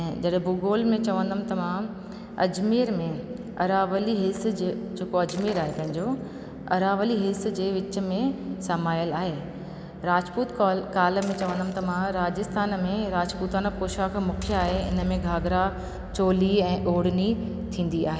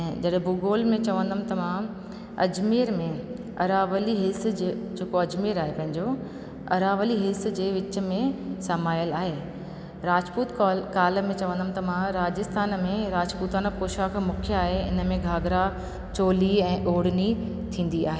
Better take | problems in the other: second | background sound (Shatter); 17 dB below the speech

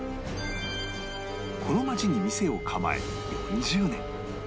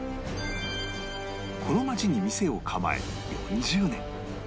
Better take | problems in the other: second | background sound (Wind instrument, woodwind instrument); 10 dB below the speech

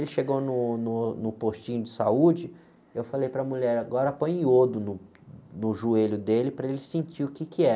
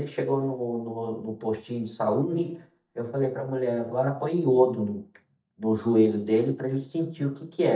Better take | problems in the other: first | noise reduction (neural mask model DeepFilterNet 3)

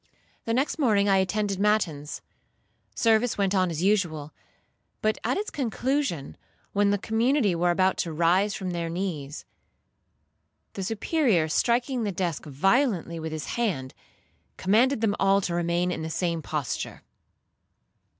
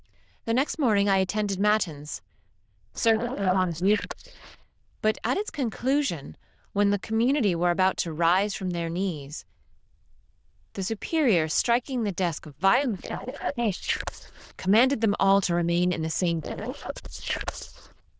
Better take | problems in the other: first | noise reduction (neural diffusion model UNIVERSE++)

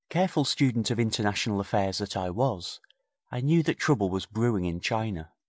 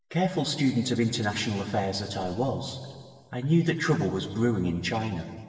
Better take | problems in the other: first | room echo; dies away in 1.9 s

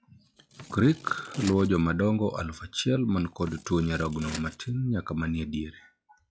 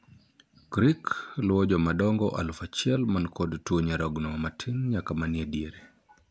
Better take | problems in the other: second | noise reduction (classical method log-MMSE)

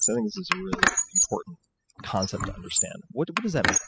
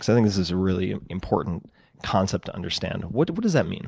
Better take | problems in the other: second | noise reduction (classical method spectral subtraction)

